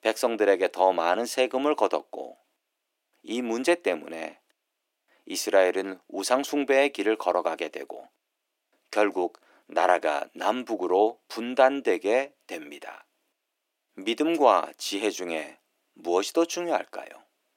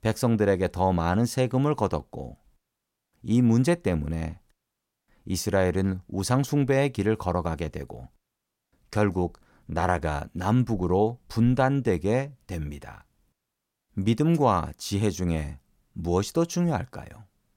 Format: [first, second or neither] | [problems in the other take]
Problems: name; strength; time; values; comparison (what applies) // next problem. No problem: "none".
second | thin; very; fading below 300 Hz